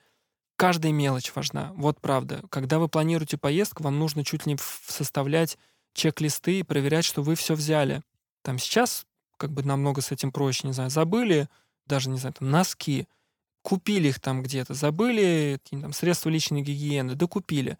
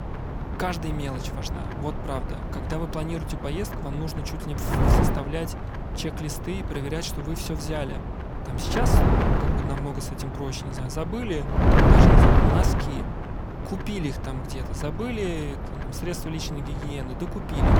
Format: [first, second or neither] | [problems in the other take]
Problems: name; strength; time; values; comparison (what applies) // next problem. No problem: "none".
first | wind noise on the microphone; heavy; 4 dB above the speech